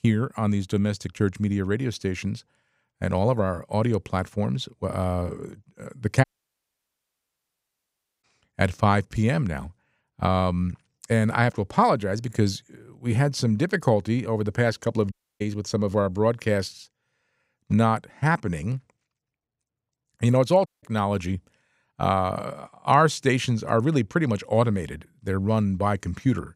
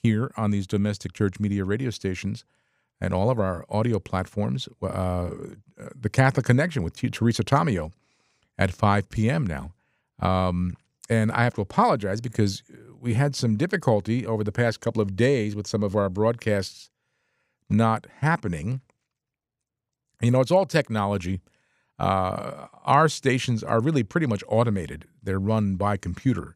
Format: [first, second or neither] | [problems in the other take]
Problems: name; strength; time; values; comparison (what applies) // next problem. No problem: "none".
second | audio cutting out; at 6 s for 2 s, at 15 s and at 21 s